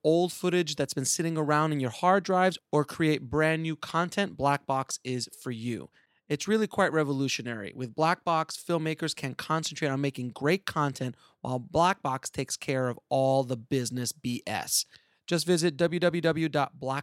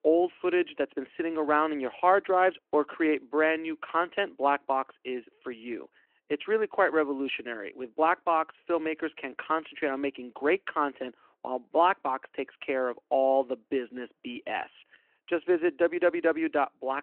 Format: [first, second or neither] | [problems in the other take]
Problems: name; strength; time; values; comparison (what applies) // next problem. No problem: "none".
first | phone-call audio